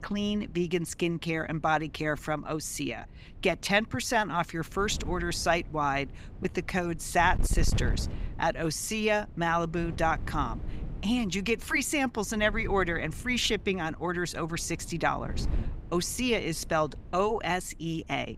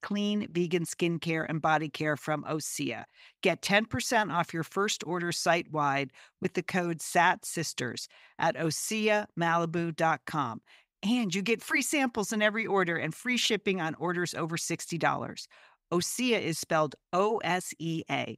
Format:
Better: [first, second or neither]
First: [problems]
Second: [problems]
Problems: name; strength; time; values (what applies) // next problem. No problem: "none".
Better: second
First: wind noise on the microphone; occasional gusts; 20 dB below the speech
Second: none